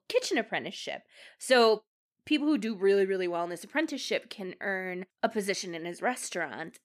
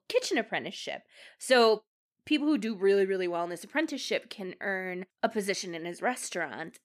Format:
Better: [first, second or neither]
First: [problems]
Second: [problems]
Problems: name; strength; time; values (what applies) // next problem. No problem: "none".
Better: neither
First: none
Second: none